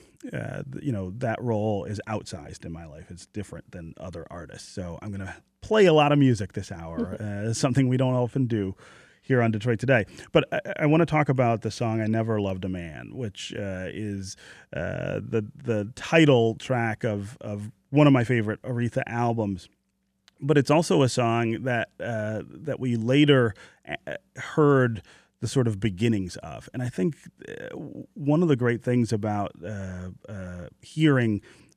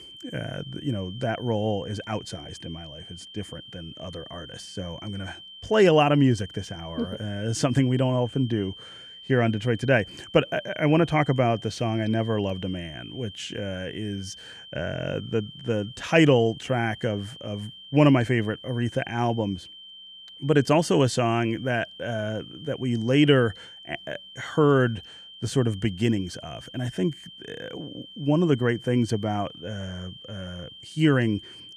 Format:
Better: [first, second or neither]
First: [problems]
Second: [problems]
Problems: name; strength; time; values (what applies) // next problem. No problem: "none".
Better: first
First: none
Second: high-pitched whine; noticeable; throughout; 3 kHz, 15 dB below the speech